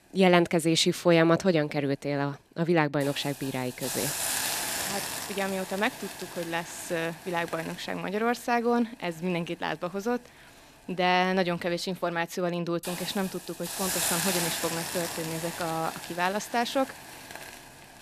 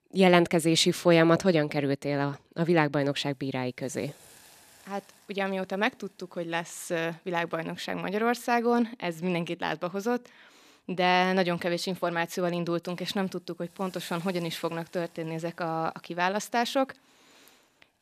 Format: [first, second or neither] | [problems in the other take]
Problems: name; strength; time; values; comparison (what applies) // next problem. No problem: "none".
second | hiss; loud; throughout; 5 dB below the speech; faint in the second